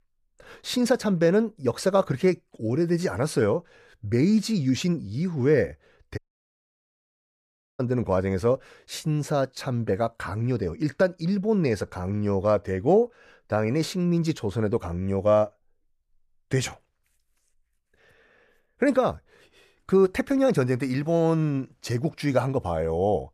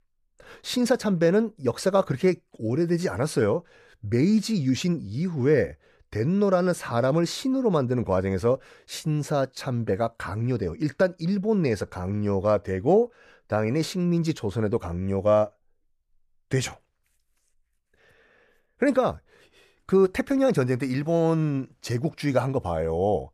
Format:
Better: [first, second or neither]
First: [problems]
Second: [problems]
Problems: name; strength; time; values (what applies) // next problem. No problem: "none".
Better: second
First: audio cutting out; at 6 s for 1.5 s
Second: none